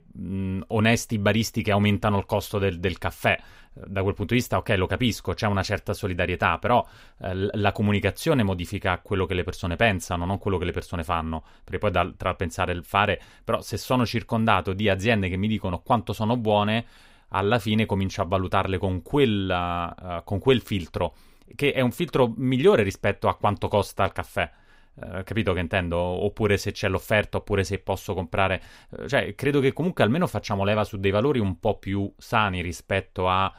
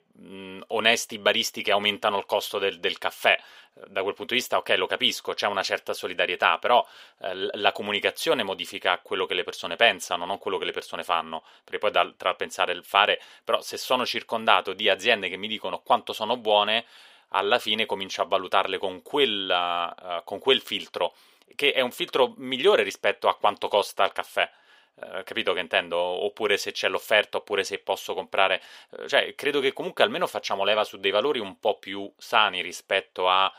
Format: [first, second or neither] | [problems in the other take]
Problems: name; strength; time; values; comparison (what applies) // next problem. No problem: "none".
first | thin; very; fading below 500 Hz